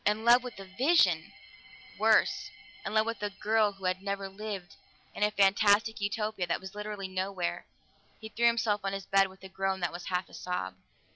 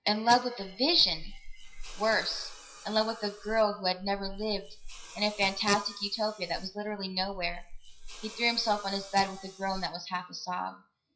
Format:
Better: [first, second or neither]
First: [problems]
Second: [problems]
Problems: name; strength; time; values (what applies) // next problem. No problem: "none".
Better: first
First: none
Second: noise reduction (classical method WPE with log-MMSE)